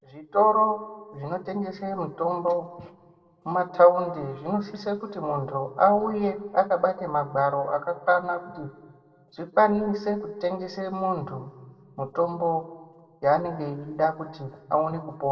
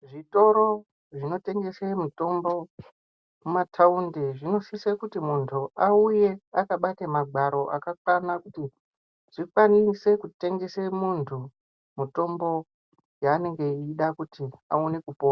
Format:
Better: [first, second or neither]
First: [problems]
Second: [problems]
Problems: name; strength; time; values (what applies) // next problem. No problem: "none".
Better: second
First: room echo; dies away in 1.1 s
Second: none